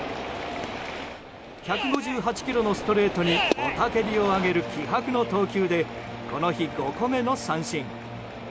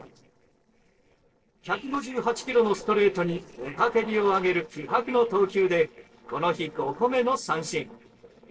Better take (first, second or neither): first